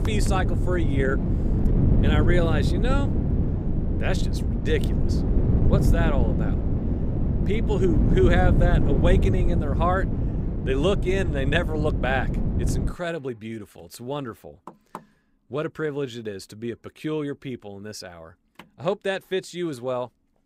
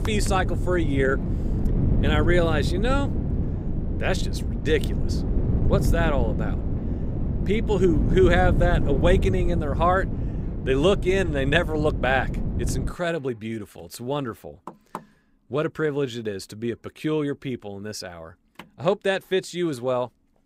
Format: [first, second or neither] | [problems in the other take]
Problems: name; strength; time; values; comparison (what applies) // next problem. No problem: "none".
second | wind noise on the microphone; heavy; until 13 s; 5 dB below the speech; occasional gusts in the second